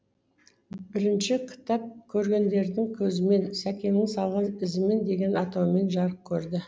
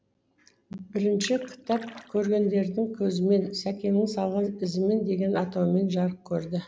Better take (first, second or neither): first